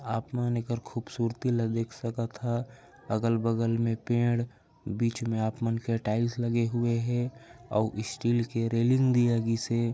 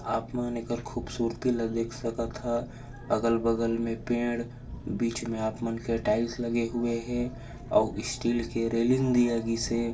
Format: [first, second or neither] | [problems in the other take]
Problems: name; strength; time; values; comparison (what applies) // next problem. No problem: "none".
first | background sound (Engine); 13 dB below the speech // room echo; dies away in 0.2 s